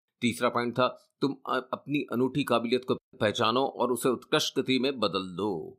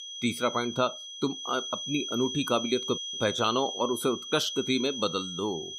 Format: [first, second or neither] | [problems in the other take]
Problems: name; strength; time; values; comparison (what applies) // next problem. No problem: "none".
first | high-pitched whine; loud; throughout; 3.5 kHz, 5 dB below the speech